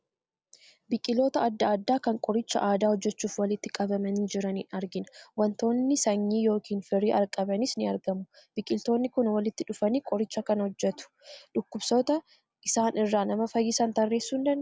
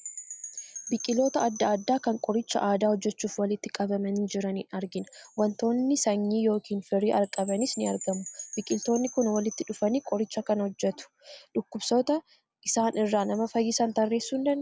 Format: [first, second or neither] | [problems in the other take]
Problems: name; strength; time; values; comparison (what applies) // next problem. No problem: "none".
first | background sound (Wind chime); 18 dB below the speech